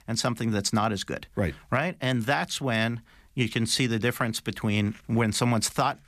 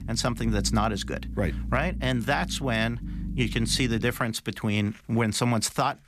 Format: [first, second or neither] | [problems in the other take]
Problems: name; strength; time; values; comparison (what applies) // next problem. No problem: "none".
first | low rumble; noticeable; until 4 s; 20 dB below the speech